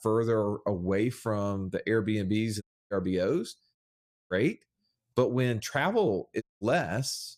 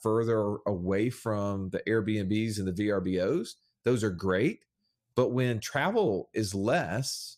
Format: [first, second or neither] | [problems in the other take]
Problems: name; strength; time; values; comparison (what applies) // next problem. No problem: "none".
second | audio cutting out; at 2.5 s, at 4 s for 0.5 s and at 6.5 s